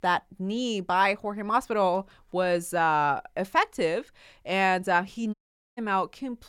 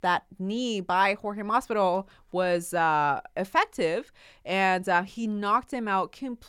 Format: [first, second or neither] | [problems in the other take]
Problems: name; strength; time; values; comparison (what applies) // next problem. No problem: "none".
second | audio cutting out; at 5.5 s